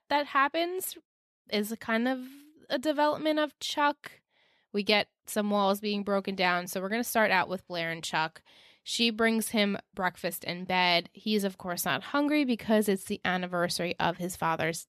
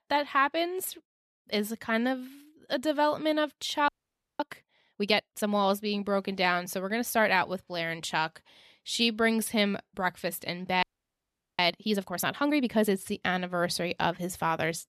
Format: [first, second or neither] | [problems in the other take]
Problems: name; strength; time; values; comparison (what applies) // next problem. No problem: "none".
first | audio freezing; at 4 s for 0.5 s and at 11 s for 1 s